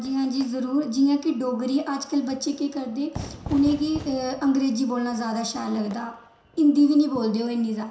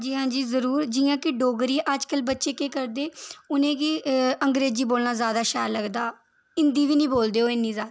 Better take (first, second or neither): second